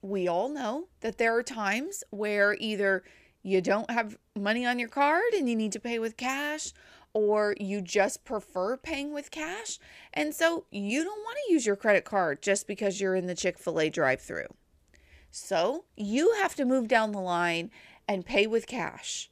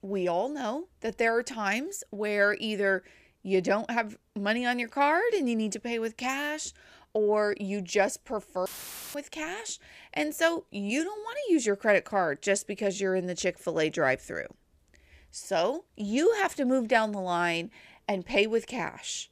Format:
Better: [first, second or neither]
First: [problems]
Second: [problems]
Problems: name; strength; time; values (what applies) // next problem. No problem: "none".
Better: first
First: none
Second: audio cutting out; filled with static; at 8.5 s